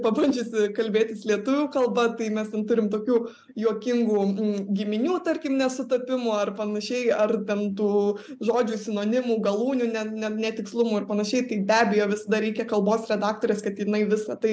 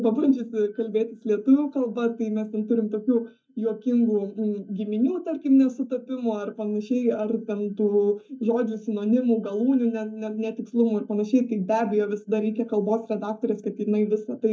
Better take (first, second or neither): first